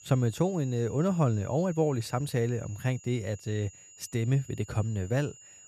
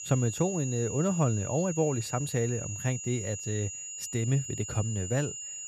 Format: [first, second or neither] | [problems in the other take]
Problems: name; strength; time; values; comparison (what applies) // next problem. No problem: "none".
first | high-pitched whine; loud; throughout; 7 kHz, 6 dB below the speech; faint in the first